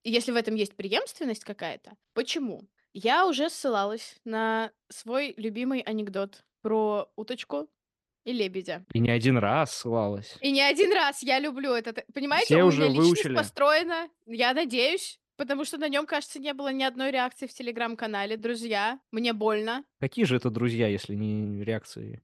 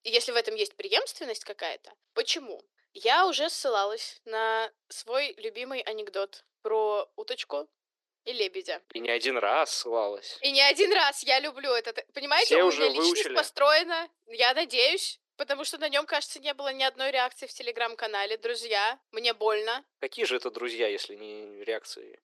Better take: first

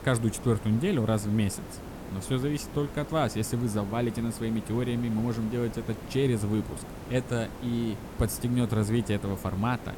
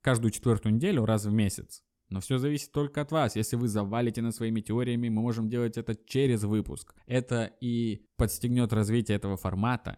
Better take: second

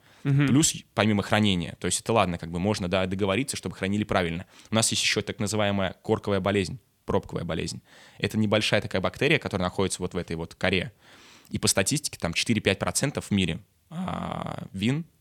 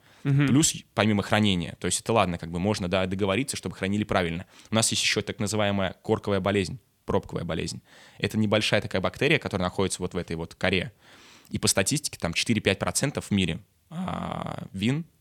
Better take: neither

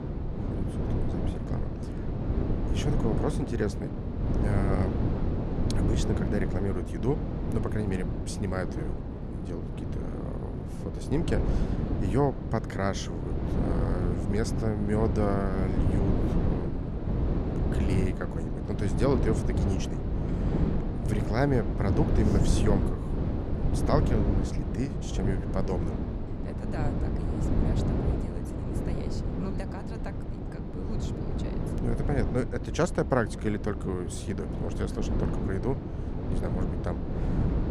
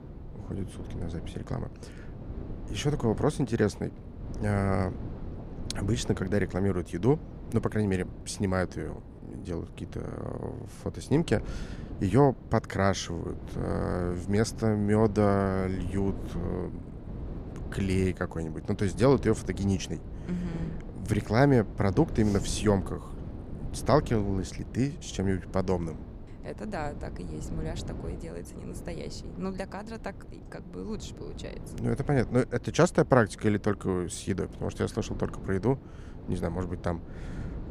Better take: second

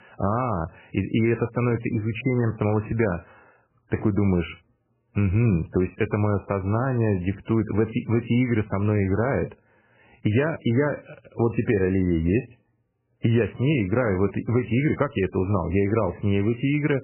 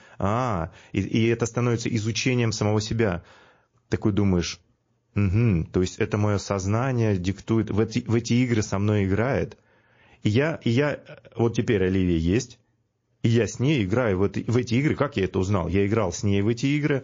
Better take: second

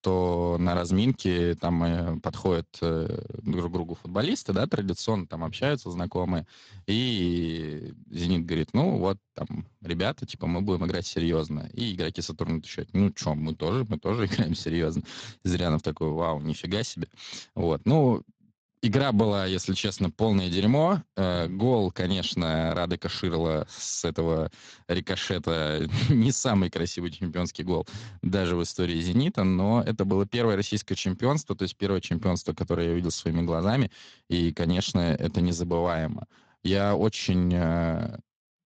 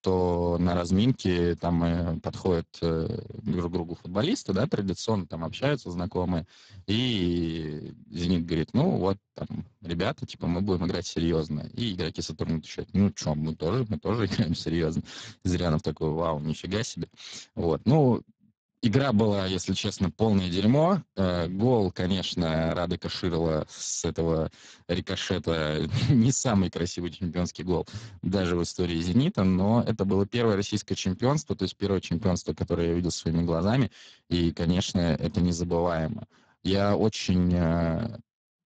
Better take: first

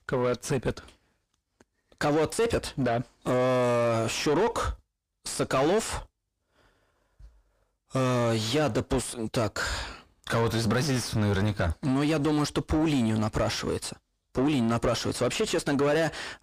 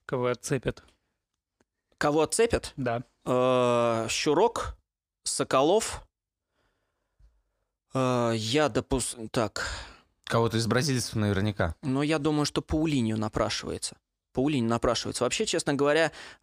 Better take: second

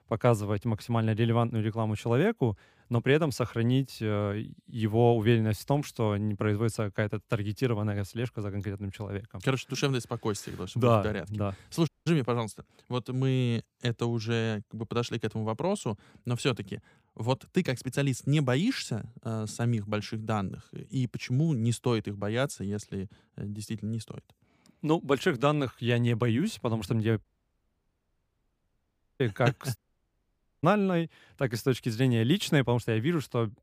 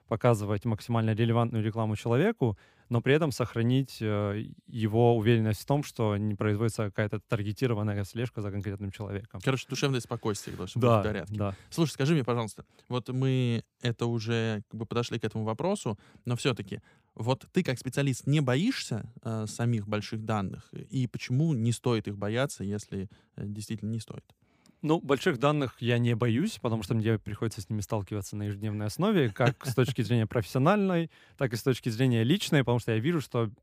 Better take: second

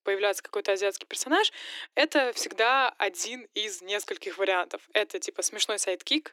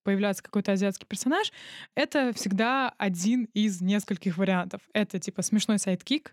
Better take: second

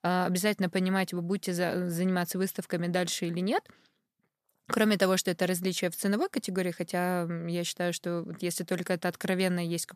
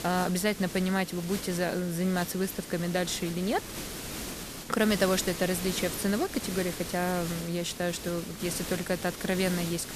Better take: first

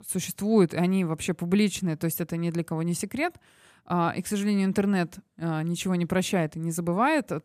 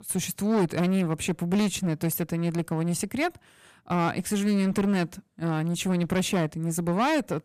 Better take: first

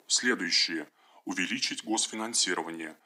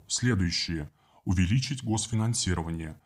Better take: second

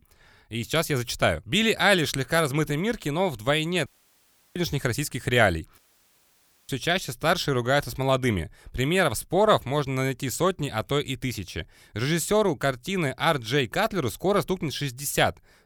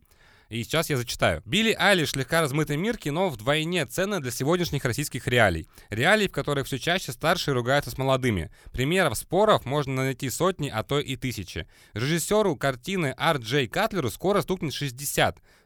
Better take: second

